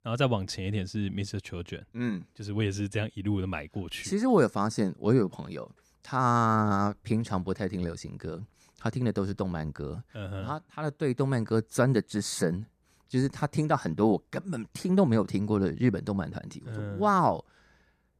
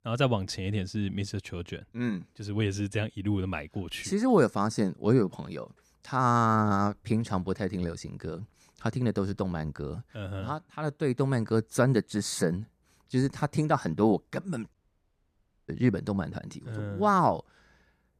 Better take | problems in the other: first | audio cutting out; at 15 s for 1 s

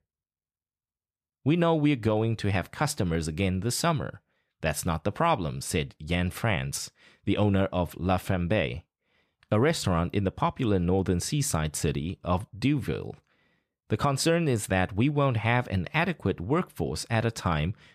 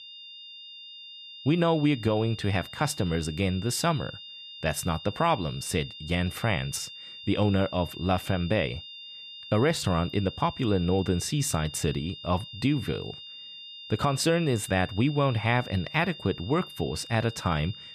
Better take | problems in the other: first | high-pitched whine; noticeable; throughout; 3.5 kHz, 15 dB below the speech

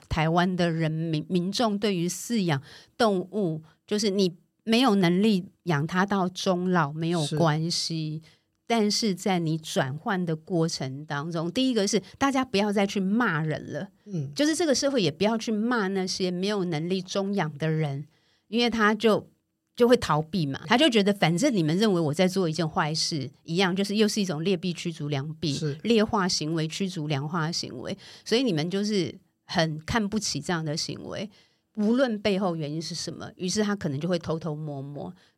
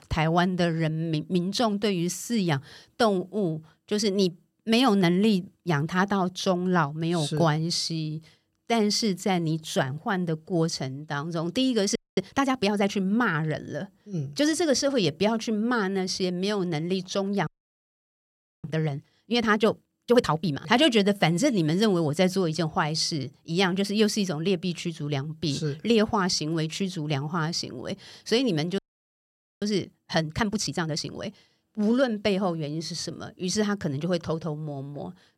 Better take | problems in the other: first | audio freezing; at 12 s, at 17 s for 1 s and at 29 s for 1 s

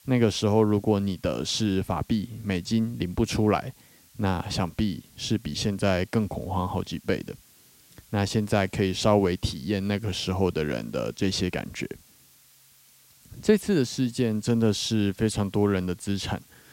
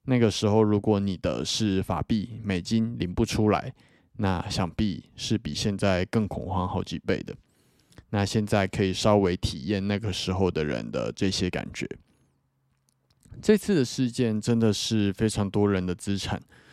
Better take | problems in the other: second | hiss; faint; throughout; 30 dB below the speech

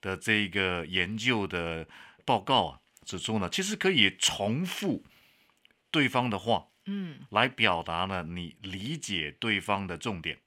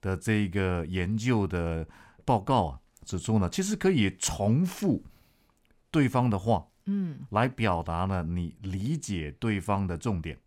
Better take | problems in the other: second | thin; very slightly; fading below 300 Hz

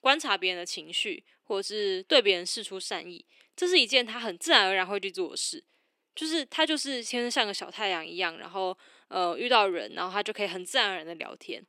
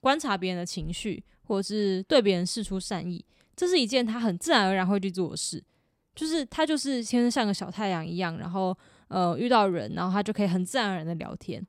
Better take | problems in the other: second | thin; somewhat; fading below 350 Hz

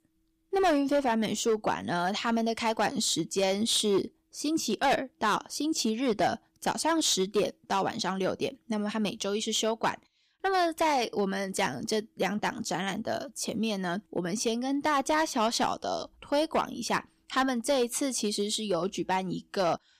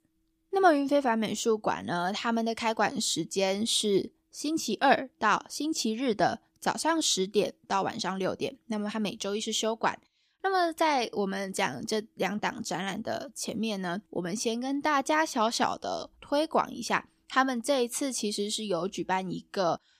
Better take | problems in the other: second | distortion; slight; 4% of the sound clipped

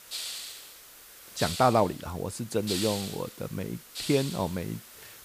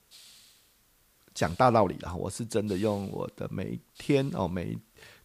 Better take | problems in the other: second | hiss; loud; throughout; 8 dB below the speech; faint in the second

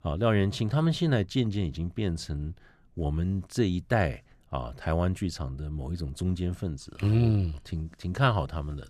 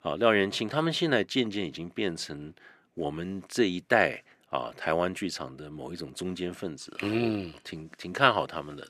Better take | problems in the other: first | thin; somewhat; fading below 350 Hz

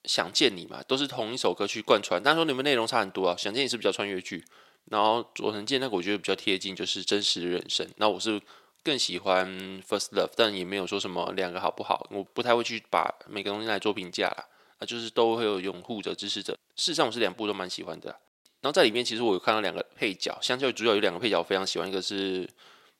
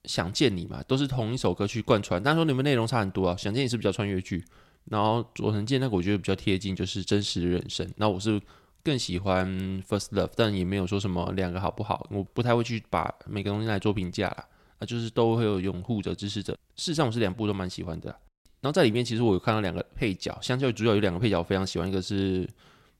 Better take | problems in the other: second | thin; somewhat; fading below 400 Hz

